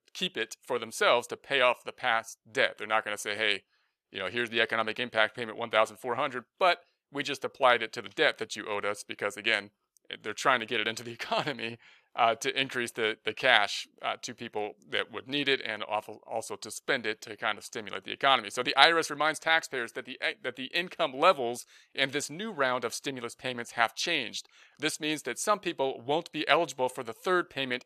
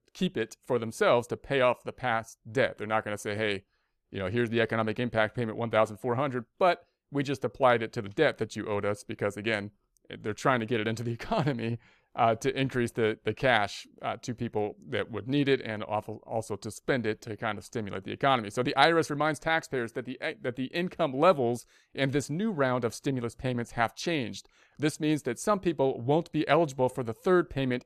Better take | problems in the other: second | thin; somewhat; fading below 1 kHz

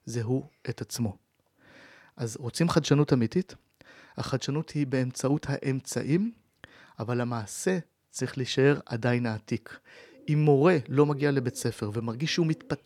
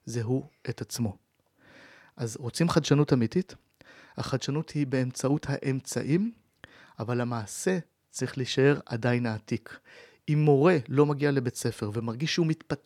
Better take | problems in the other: second | animal sounds; faint; from 10 s on; 25 dB below the speech

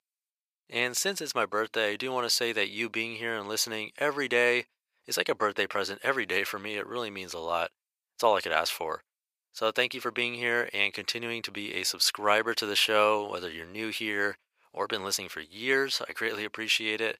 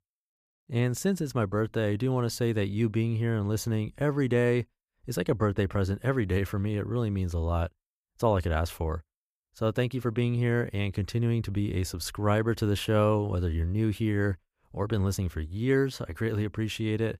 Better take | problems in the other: second | thin; very; fading below 650 Hz

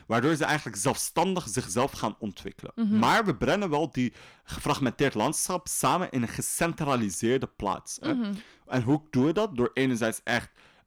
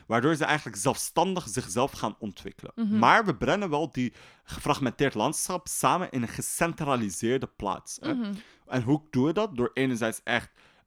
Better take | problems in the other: second | distortion; slight; 3% of the sound clipped

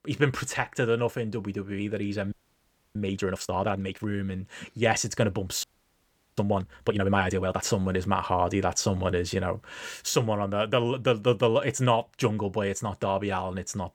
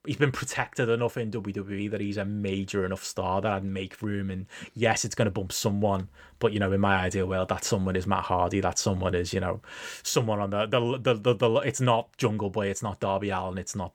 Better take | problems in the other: second | audio freezing; at 2.5 s for 0.5 s and at 5.5 s for 0.5 s

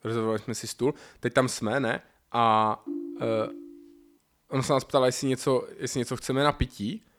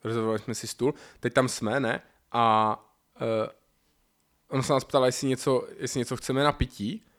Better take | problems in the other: second | phone ringing; noticeable; from 3 to 4 s; peak 9 dB below the speech

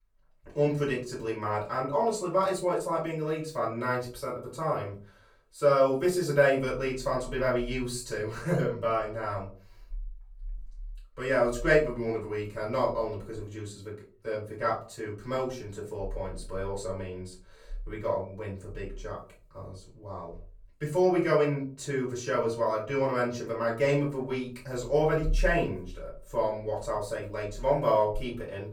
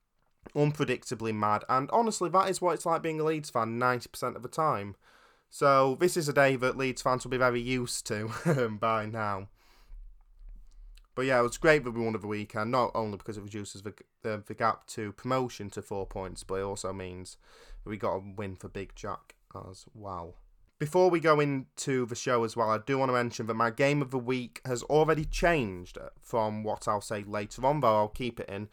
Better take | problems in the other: second | off-mic speech; far // room echo; slight; dies away in 0.3 s

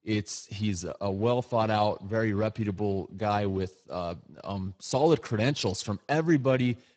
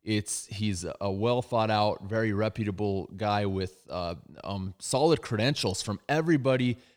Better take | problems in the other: second | garbled, watery; badly; nothing above 8 kHz

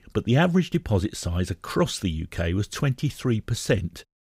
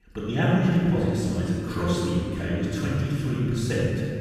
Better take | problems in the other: first | off-mic speech; far // room echo; strong; dies away in 2.9 s

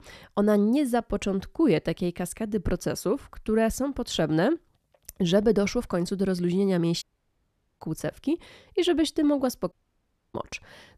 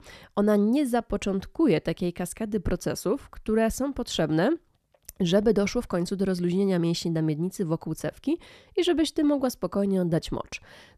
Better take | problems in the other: second | audio cutting out; at 7 s for 1 s and at 9.5 s for 0.5 s

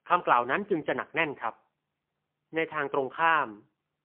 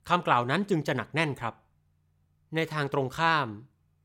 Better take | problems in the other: second | phone-call audio; poor line; nothing above 3 kHz

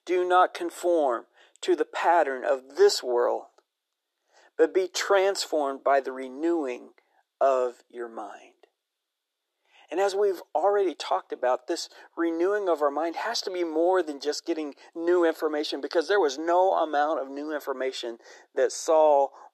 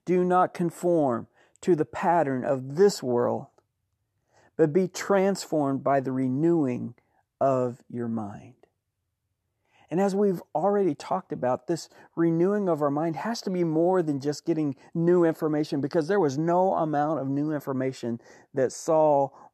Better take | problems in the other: second | thin; very; fading below 350 Hz

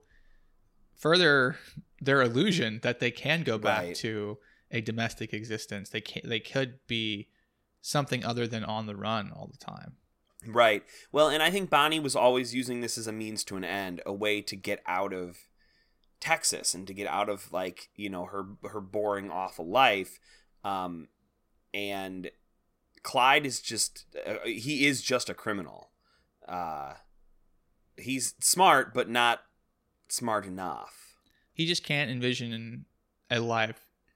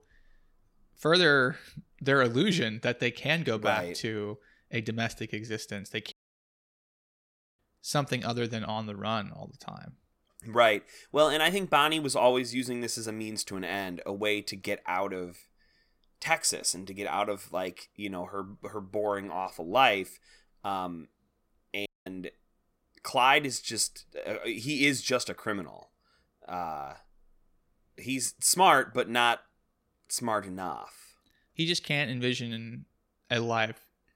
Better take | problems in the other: first | audio cutting out; at 6 s for 1.5 s and at 22 s

